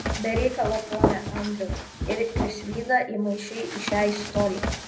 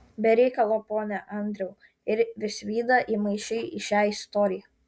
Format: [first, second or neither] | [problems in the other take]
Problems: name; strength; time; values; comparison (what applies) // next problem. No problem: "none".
second | background sound (Run); 2 dB below the speech // room echo; dies away in 0.5 s